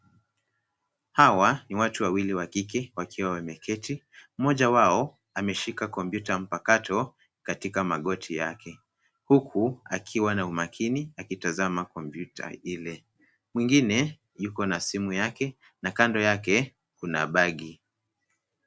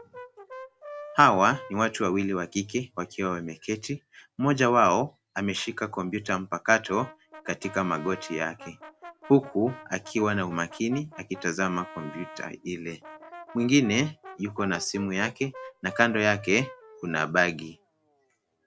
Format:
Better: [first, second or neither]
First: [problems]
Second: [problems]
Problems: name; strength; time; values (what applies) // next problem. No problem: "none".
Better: first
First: none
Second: background sound (Brass instrument); 19 dB below the speech